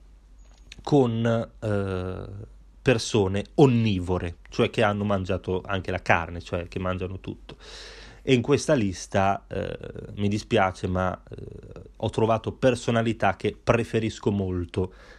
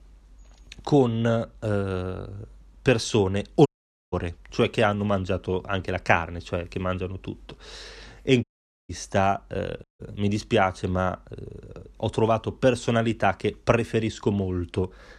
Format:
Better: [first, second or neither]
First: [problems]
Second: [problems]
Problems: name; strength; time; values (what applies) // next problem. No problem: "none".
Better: first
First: none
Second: audio cutting out; at 3.5 s, at 8.5 s and at 10 s